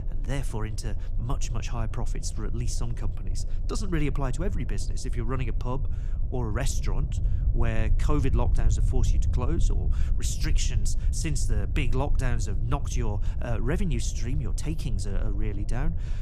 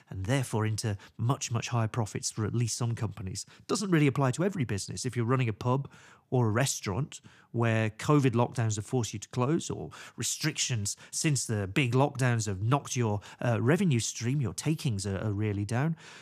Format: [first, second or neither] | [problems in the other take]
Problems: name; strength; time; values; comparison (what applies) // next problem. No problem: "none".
second | low rumble; noticeable; throughout; 10 dB below the speech